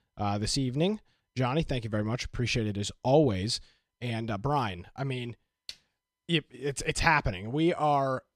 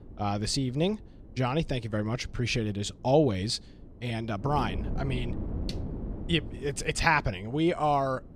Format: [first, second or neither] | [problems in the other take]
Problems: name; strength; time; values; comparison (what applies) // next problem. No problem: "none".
first | wind noise on the microphone; occasional gusts; 20 dB below the speech